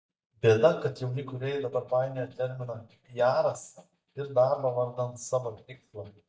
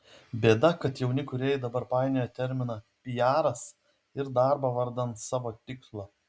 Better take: second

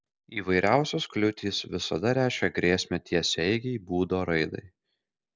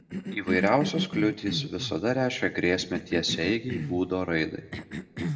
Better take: first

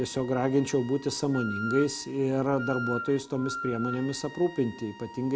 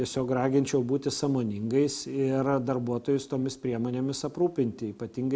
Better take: second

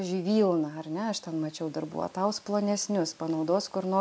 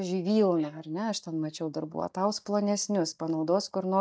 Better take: first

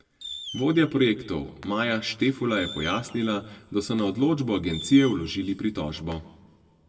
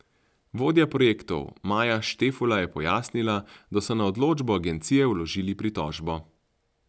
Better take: second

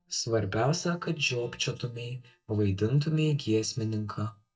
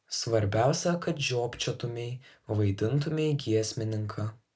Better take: second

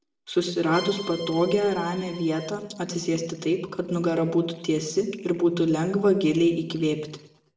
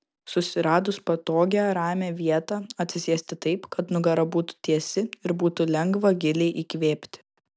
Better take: second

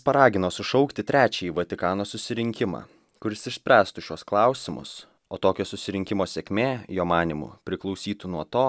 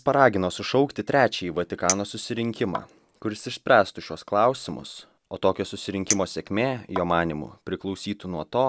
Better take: first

